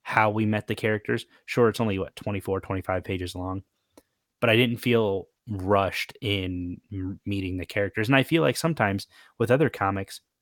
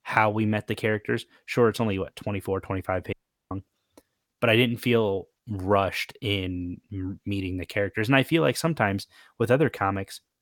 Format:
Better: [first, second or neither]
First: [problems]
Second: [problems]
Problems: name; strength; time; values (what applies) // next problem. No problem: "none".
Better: first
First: none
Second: audio cutting out; at 3 s